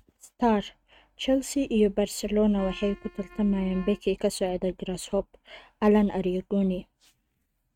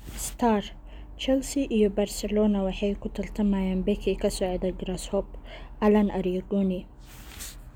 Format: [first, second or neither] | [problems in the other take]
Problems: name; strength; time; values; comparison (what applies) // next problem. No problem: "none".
second | noise reduction (neural mask model RNNoise)